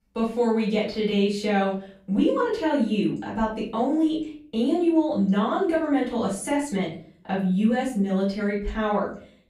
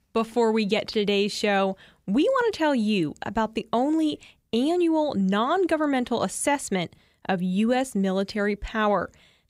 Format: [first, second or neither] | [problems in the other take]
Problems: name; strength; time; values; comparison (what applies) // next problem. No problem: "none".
second | off-mic speech; far // room echo; slight; dies away in 0.4 s